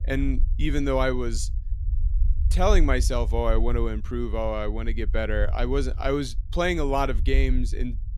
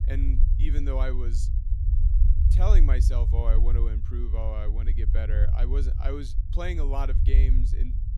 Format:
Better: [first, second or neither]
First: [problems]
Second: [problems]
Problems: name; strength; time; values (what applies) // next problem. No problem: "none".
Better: first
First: low rumble; faint; throughout; 20 dB below the speech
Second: low rumble; loud; throughout; 7 dB below the speech